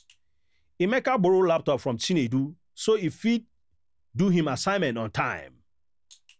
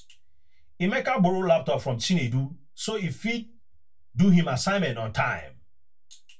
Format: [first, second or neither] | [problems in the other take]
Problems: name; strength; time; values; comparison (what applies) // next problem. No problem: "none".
first | room echo; dies away in 0.2 s